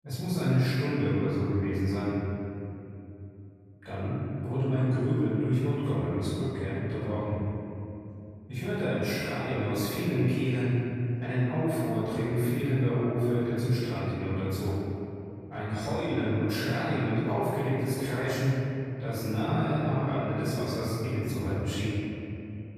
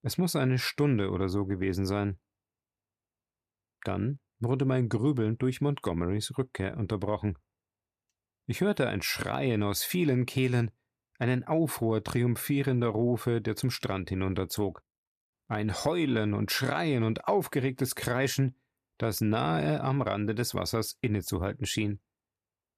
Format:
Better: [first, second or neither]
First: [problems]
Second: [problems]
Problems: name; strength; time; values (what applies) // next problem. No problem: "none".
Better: second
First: off-mic speech; far // room echo; strong; dies away in 3 s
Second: none